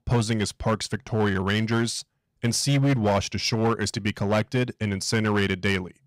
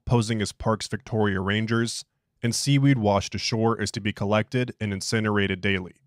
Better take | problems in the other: second | distortion; slight; 7% of the sound clipped

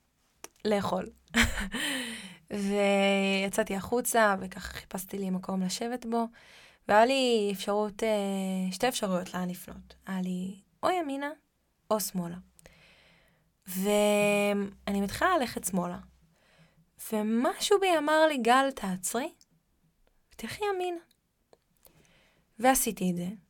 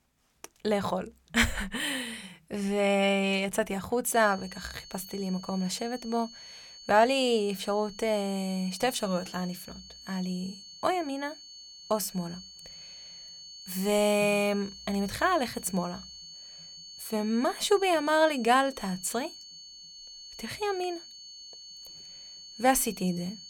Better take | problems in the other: first | high-pitched whine; noticeable; from 4 s on; 4.5 kHz, 15 dB below the speech

